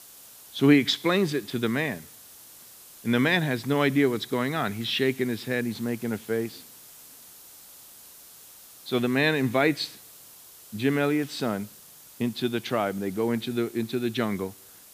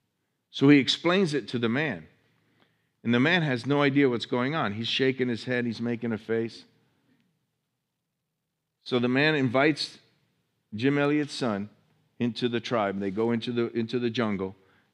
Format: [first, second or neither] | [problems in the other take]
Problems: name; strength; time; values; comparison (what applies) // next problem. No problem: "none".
second | hiss; noticeable; throughout; 20 dB below the speech